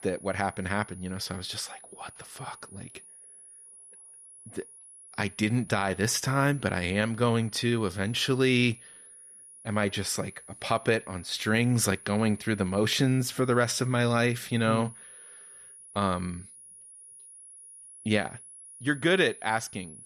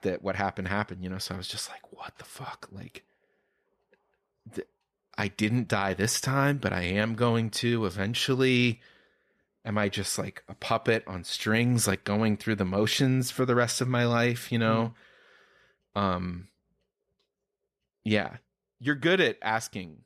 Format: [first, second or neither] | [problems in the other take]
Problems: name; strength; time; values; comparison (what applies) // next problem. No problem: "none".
second | high-pitched whine; noticeable; throughout; 10.5 kHz, 20 dB below the speech